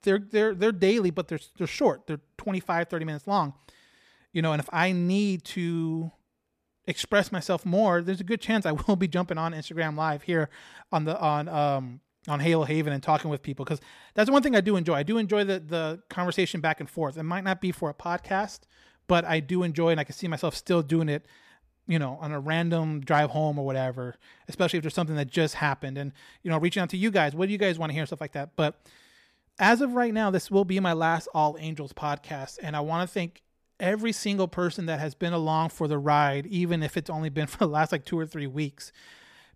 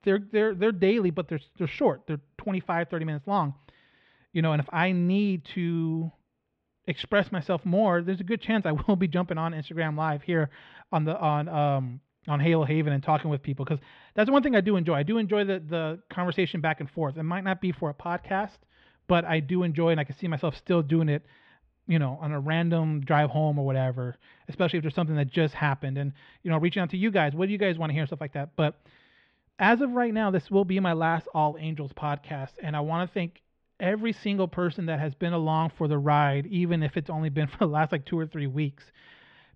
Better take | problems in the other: first | muffled; slightly; fading above 3 kHz

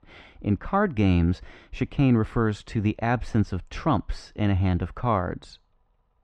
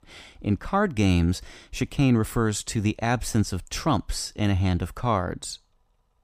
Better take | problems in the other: second | muffled; slightly; fading above 2.5 kHz

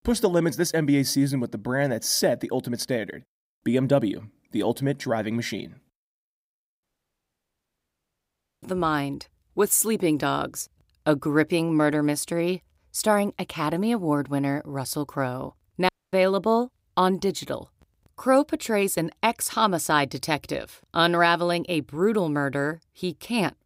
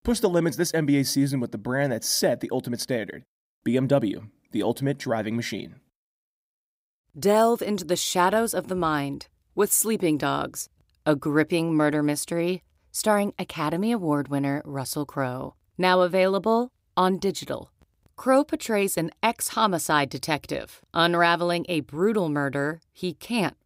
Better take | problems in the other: second | audio cutting out; at 7 s for 2 s and at 16 s

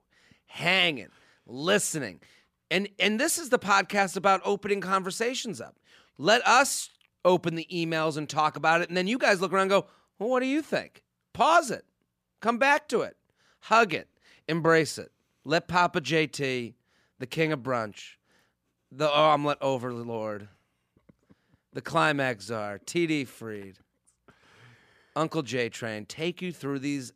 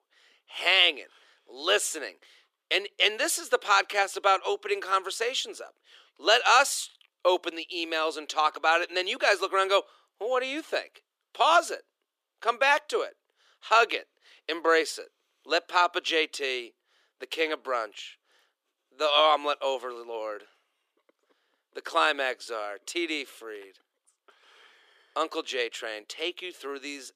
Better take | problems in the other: first | thin; very; fading below 350 Hz

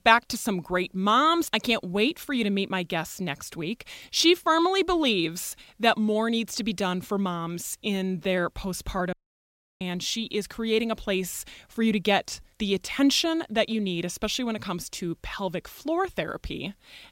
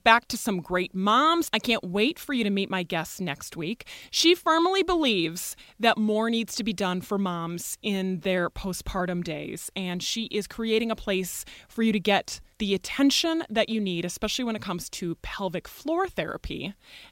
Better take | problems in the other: second | audio cutting out; at 9 s for 0.5 s

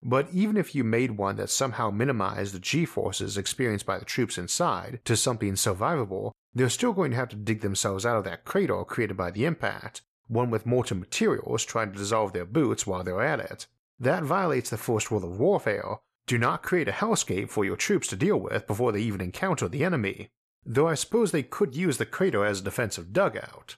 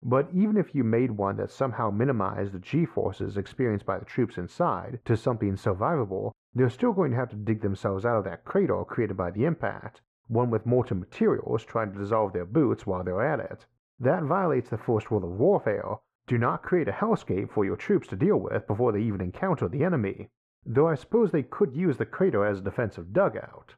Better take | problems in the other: first | muffled; very; fading above 3 kHz

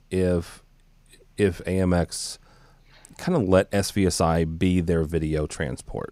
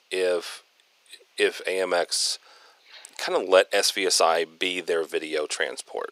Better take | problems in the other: first | thin; very; fading below 400 Hz

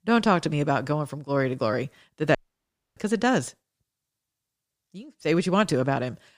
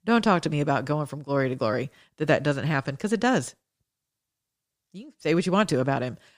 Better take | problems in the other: second | audio cutting out; at 2.5 s for 0.5 s

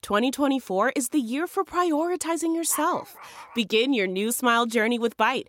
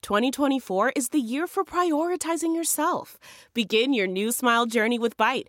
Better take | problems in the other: second | dog barking; faint; at 2.5 s; peak 15 dB below the speech

